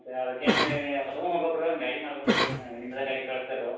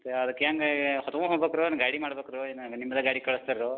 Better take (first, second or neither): second